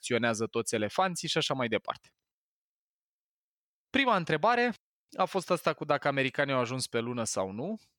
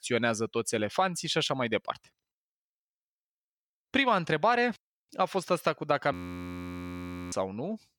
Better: first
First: none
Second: audio freezing; at 6 s for 1 s

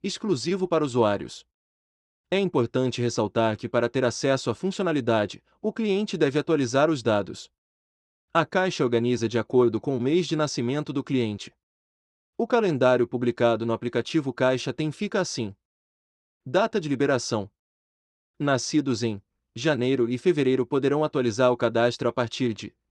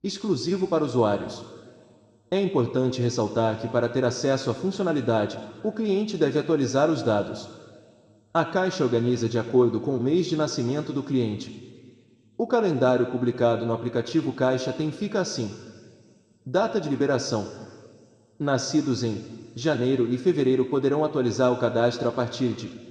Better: first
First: none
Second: room echo; slight; dies away in 1.6 s

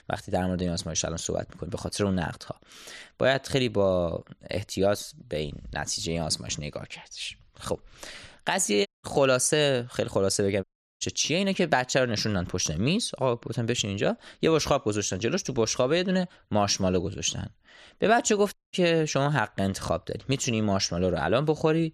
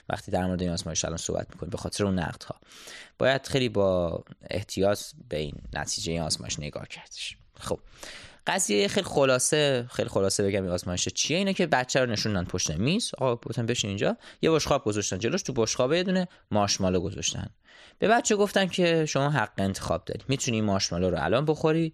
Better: second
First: audio cutting out; at 9 s, at 11 s and at 19 s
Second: none

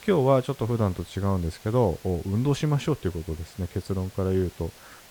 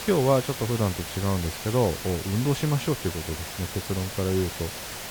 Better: first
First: hiss; faint; throughout; 20 dB below the speech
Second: hiss; loud; throughout; 7 dB below the speech

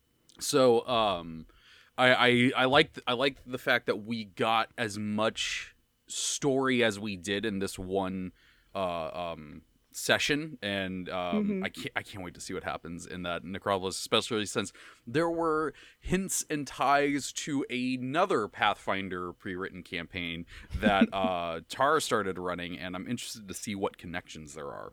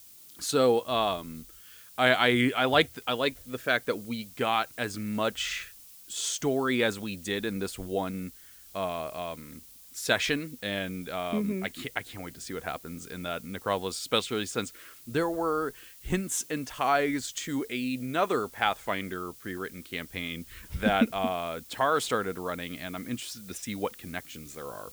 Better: first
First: none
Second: hiss; noticeable; throughout; 20 dB below the speech

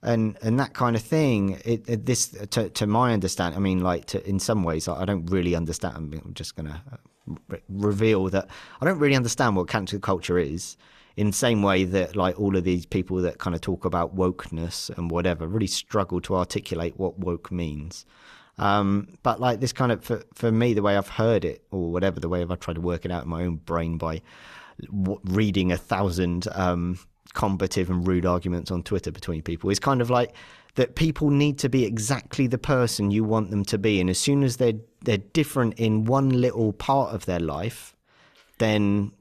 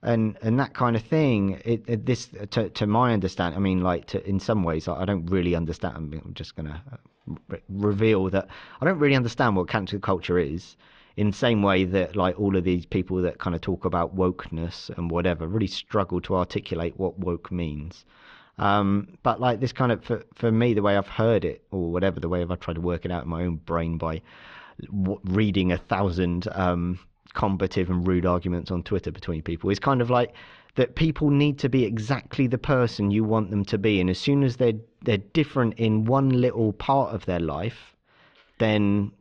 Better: first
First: none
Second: muffled; slightly; fading above 4 kHz

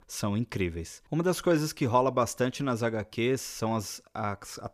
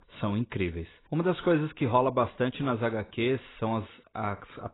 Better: first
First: none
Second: garbled, watery; badly; nothing above 4 kHz

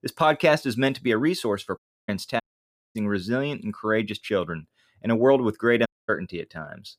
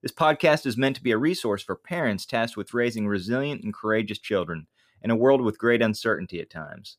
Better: second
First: audio cutting out; at 2 s, at 2.5 s for 0.5 s and at 6 s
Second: none

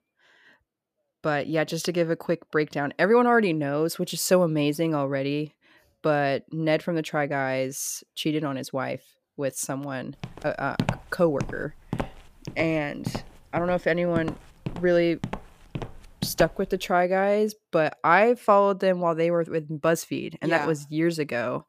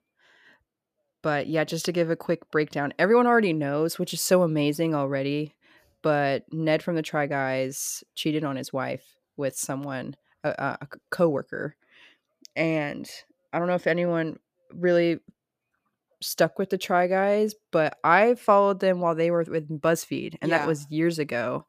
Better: second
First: footsteps; noticeable; from 10 to 16 s; peak 4 dB below the speech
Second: none

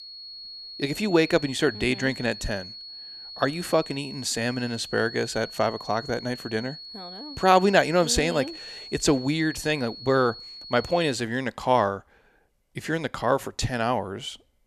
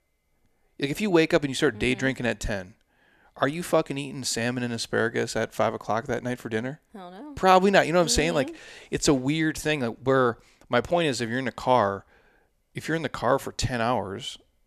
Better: second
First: high-pitched whine; noticeable; until 11 s; 4.5 kHz, 15 dB below the speech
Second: none

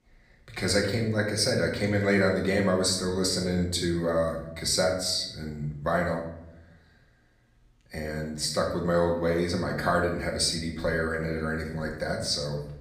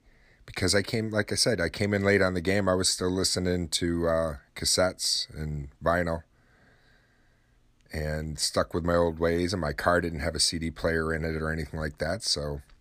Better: second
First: room echo; slight; dies away in 0.6 s // off-mic speech; somewhat distant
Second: none

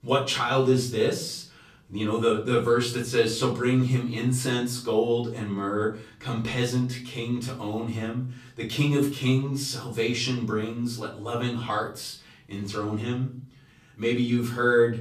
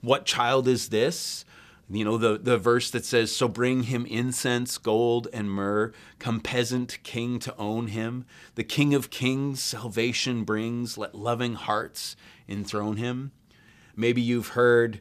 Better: second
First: off-mic speech; far // room echo; slight; dies away in 0.4 s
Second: none

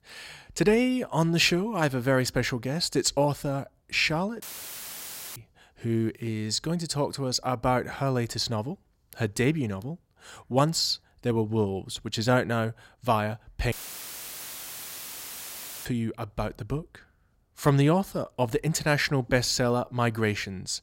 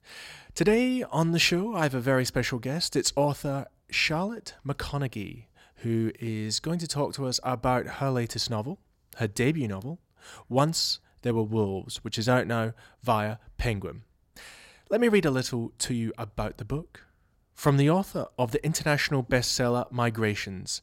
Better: second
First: audio cutting out; filled with static; at 4.5 s for 1 s and at 14 s for 2 s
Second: none

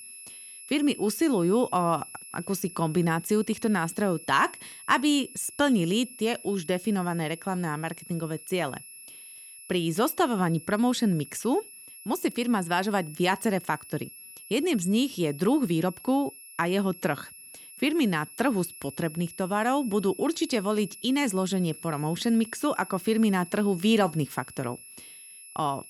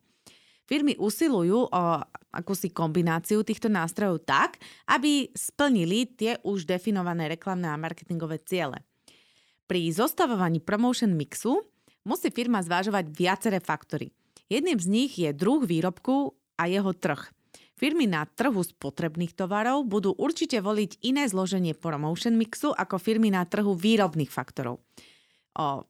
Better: second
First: high-pitched whine; noticeable; throughout; 11 kHz, 15 dB below the speech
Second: none

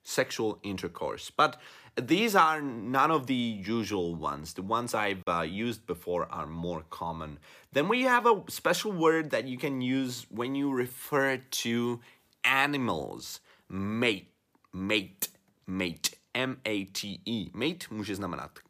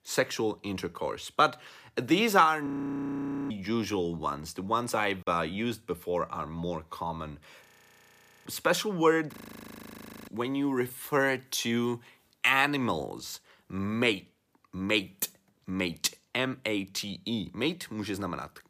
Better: first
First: none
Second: audio freezing; at 2.5 s for 1 s, at 7.5 s for 1 s and at 9.5 s for 1 s

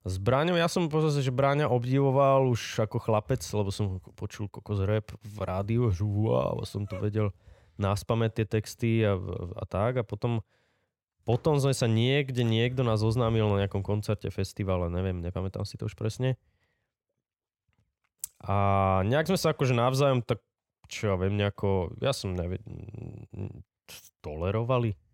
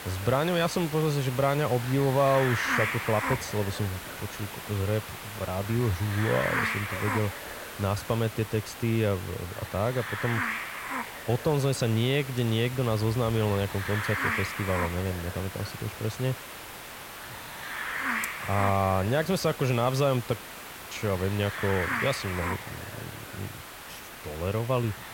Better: first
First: none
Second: hiss; loud; throughout; 6 dB below the speech

